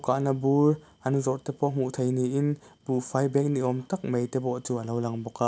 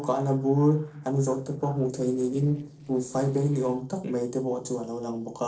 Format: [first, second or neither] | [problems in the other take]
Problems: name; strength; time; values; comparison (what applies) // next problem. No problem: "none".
first | noise reduction (neural separator model SepFormer DNS4)